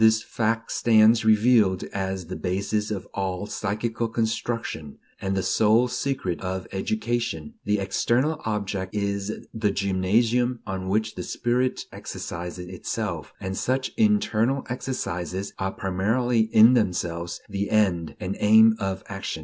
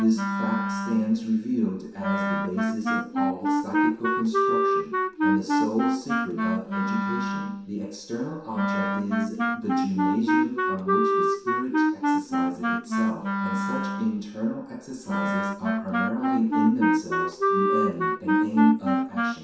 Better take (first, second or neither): first